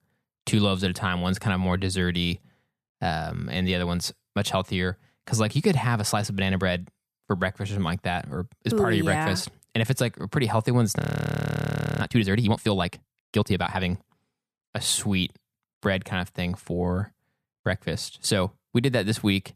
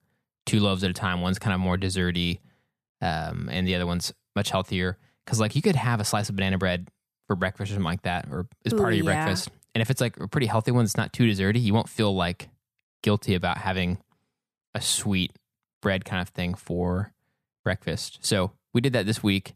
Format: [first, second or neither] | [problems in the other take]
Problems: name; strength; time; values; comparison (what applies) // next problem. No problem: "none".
second | audio freezing; at 11 s for 1 s